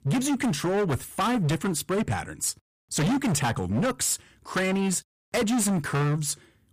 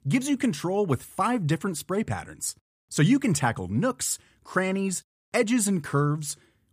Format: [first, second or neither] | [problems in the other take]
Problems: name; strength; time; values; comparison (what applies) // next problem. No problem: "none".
second | distortion; heavy; 22% of the sound clipped